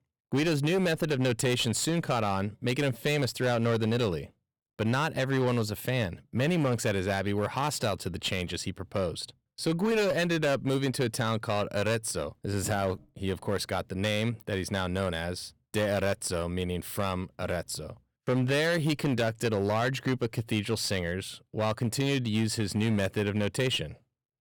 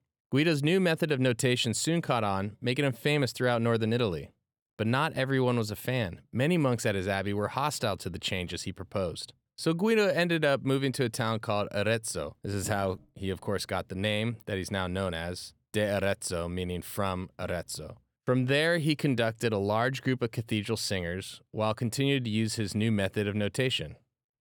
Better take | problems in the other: second | distortion; slight; 11% of the sound clipped

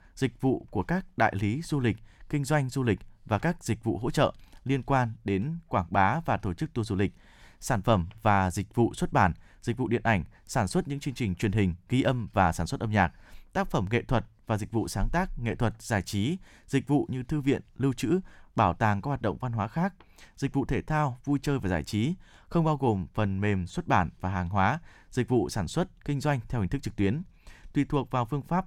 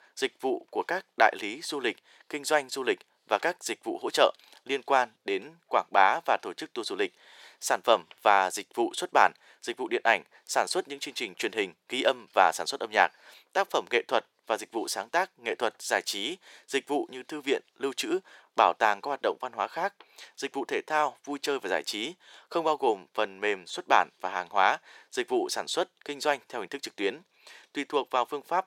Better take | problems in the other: first | thin; very; fading below 400 Hz

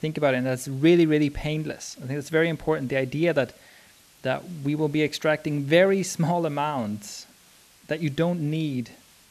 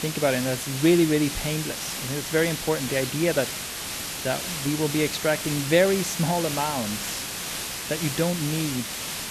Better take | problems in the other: first | hiss; loud; throughout; 4 dB below the speech; faint in the first

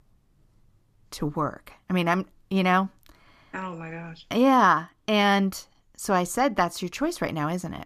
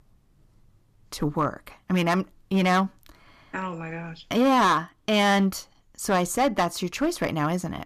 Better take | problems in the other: first | distortion; slight; 4% of the sound clipped

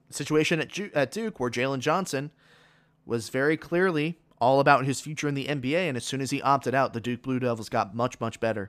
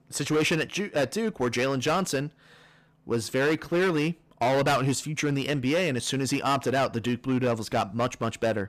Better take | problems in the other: first | distortion; heavy; 11% of the sound clipped

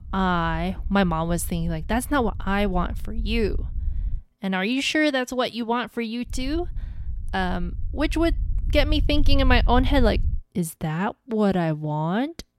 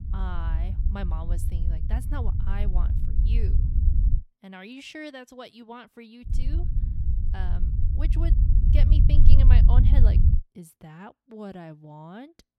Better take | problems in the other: first | low rumble; loud; until 4 s and from 6.5 to 10 s; 1 dB below the speech; faint in the first

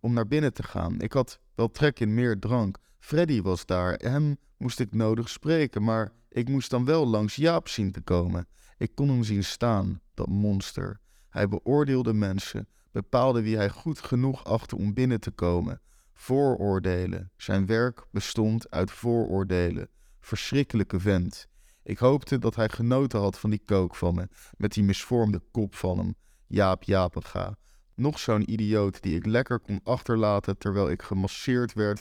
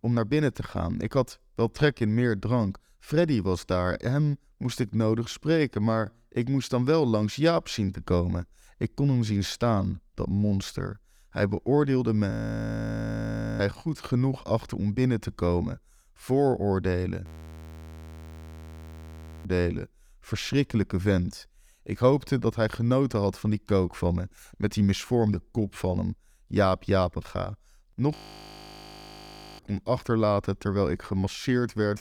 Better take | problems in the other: first | audio freezing; at 12 s for 1.5 s, at 17 s for 2 s and at 28 s for 1.5 s

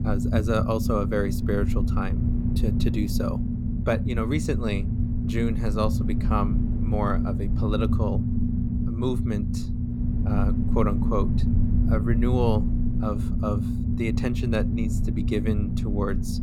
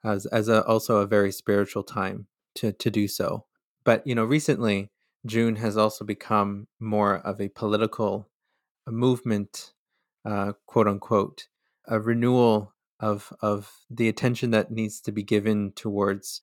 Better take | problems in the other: second | low rumble; loud; throughout; 4 dB below the speech

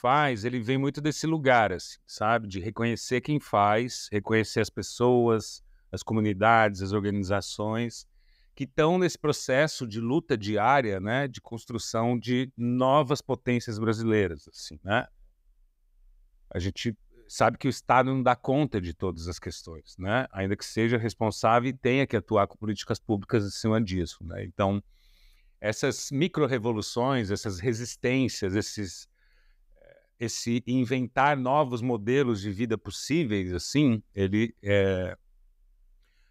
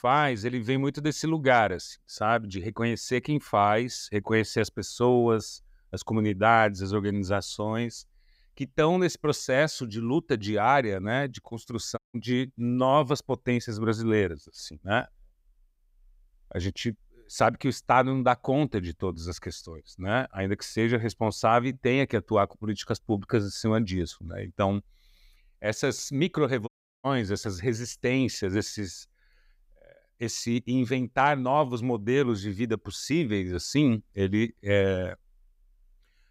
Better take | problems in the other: first | audio cutting out; at 12 s and at 27 s

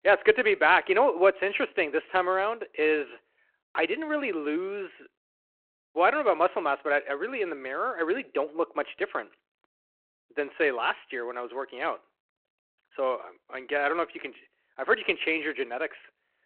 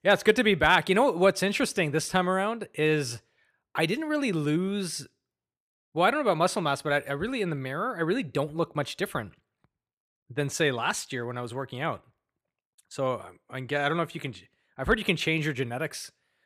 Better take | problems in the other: second | phone-call audio

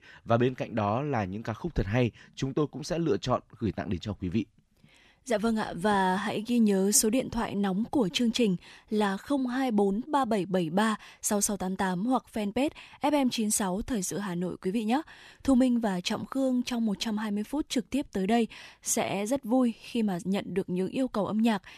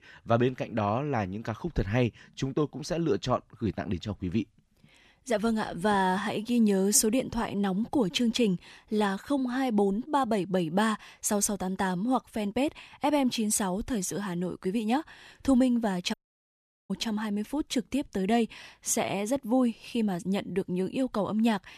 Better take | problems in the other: first | audio cutting out; at 16 s for 1 s

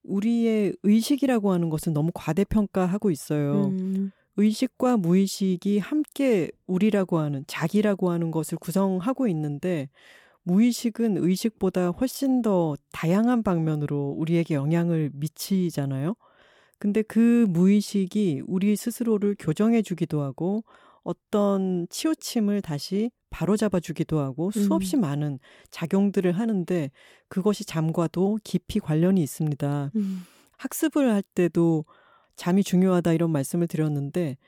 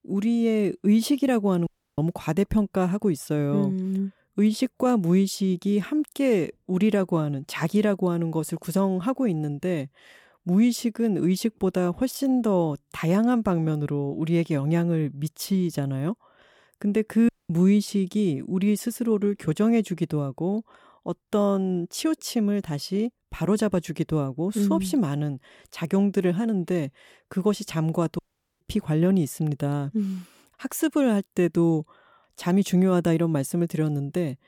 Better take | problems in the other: first | audio cutting out; at 1.5 s, at 17 s and at 28 s

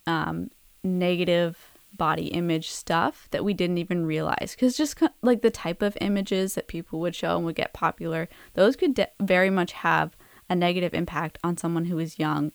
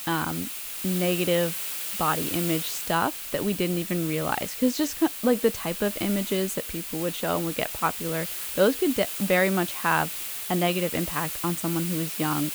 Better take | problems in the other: first | hiss; loud; throughout; 4 dB below the speech; faint in the first

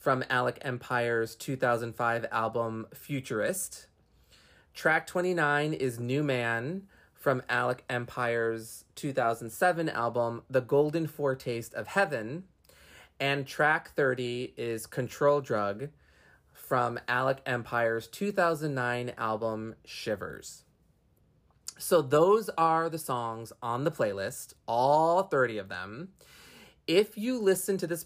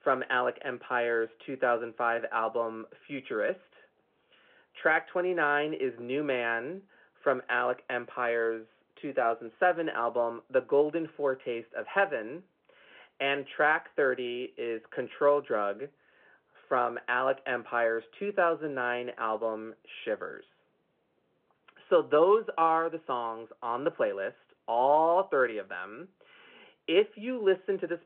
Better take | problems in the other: first | phone-call audio

